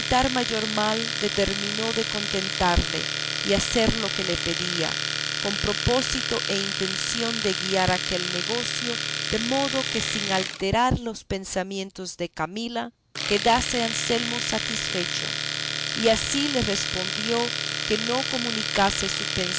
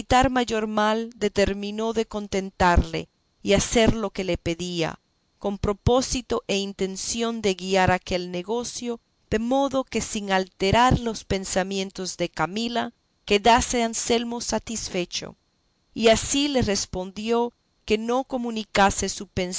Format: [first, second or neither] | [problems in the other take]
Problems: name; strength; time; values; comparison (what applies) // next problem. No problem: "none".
second | background sound (Domestic sounds, home sounds); 2 dB below the speech